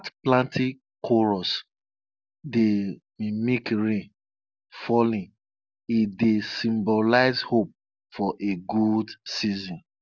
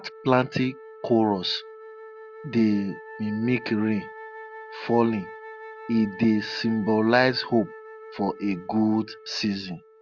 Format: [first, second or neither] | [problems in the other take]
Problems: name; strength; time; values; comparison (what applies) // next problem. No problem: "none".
first | background sound (Wind instrument, woodwind instrument); 16 dB below the speech